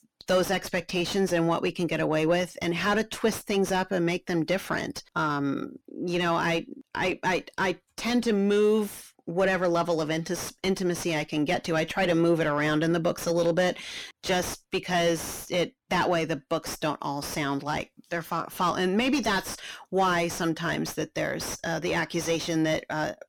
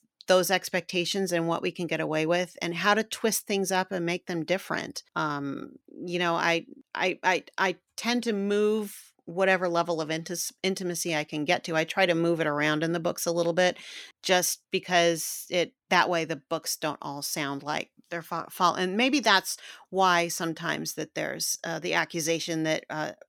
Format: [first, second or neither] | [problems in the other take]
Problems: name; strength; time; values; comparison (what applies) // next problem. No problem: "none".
second | distortion; heavy; 6 dB below the speech